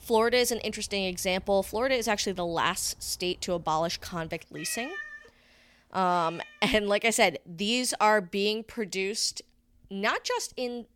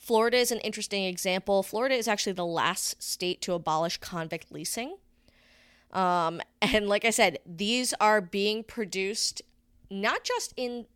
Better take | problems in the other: second | animal sounds; noticeable; until 6 s; 20 dB below the speech

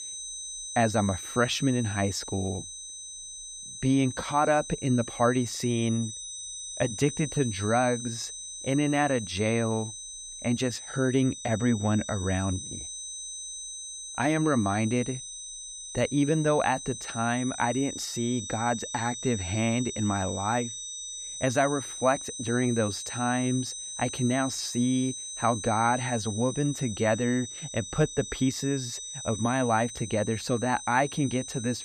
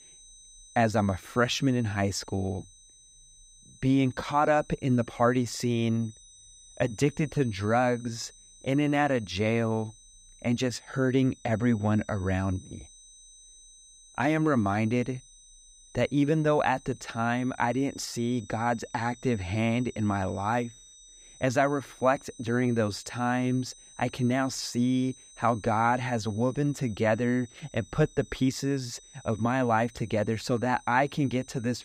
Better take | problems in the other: second | high-pitched whine; loud; throughout; 6 kHz, 8 dB below the speech; faint in the second

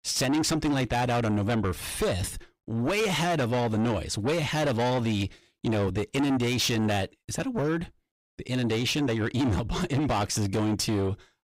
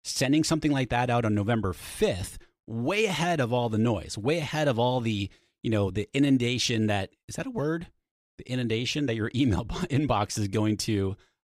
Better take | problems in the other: second | distortion; heavy; 8 dB below the speech

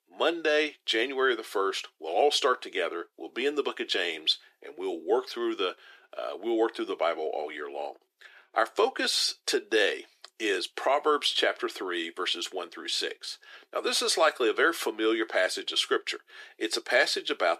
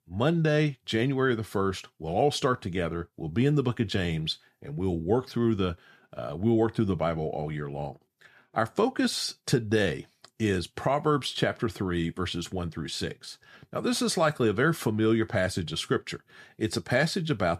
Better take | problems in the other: second | thin; very; fading below 350 Hz

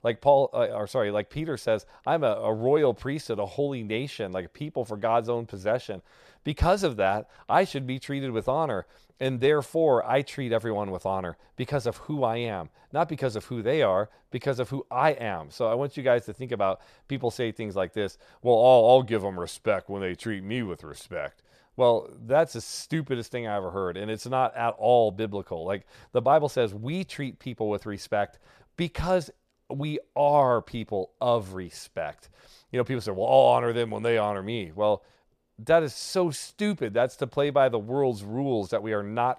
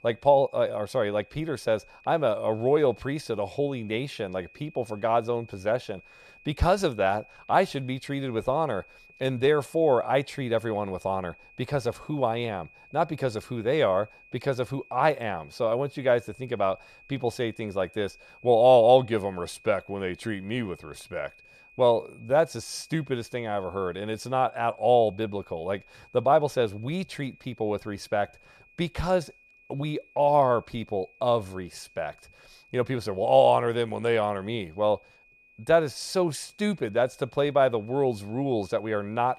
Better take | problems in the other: first | high-pitched whine; faint; throughout; 2.5 kHz, 25 dB below the speech

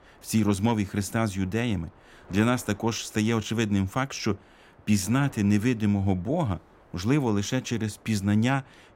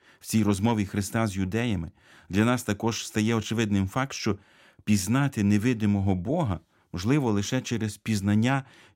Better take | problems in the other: second | wind noise on the microphone; occasional gusts; 25 dB below the speech

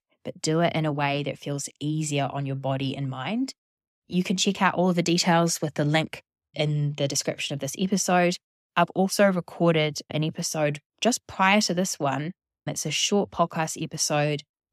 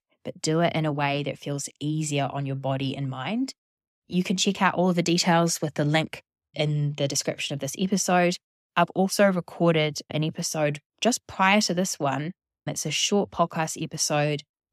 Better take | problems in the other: neither | none

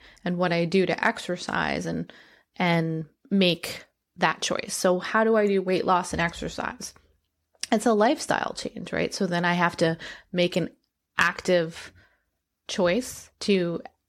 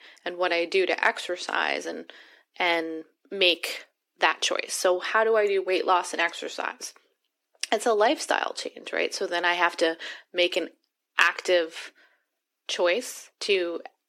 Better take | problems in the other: first | thin; very; fading below 300 Hz

